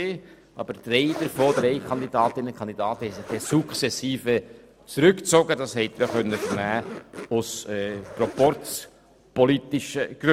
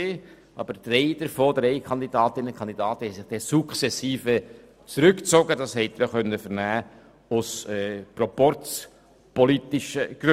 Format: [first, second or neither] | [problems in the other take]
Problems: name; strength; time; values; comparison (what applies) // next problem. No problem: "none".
second | background sound (Zipper (clothing)); 12 dB below the speech